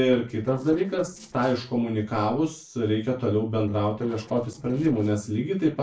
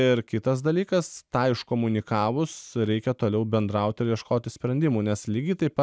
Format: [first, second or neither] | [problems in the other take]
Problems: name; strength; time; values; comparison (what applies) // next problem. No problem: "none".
second | noise reduction (neural separator model SepFormer DNS4)